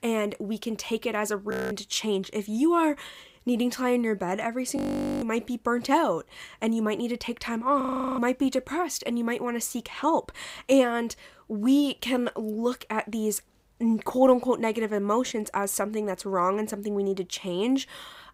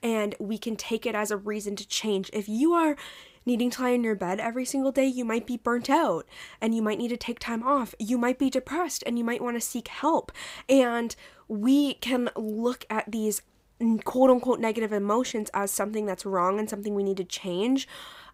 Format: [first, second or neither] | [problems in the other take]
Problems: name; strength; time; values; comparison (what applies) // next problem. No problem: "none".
second | audio freezing; at 1.5 s, at 5 s and at 8 s